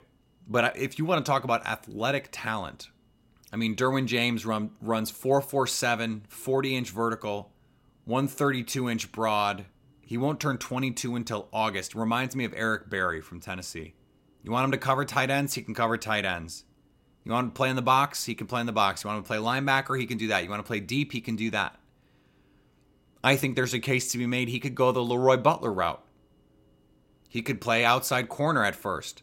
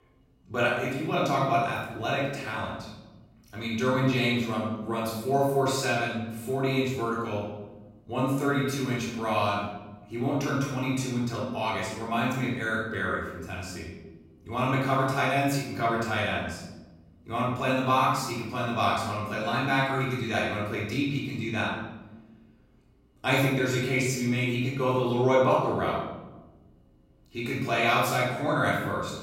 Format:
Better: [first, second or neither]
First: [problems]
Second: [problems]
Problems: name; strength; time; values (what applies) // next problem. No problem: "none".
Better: first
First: none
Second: off-mic speech; far // room echo; noticeable; dies away in 1 s